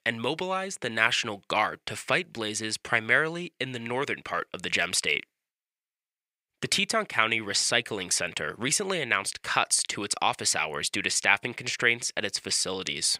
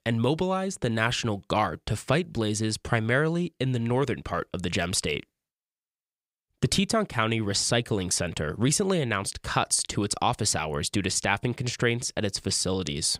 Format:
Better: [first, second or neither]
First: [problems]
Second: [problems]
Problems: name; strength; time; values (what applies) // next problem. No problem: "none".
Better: second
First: thin; somewhat; fading below 600 Hz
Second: none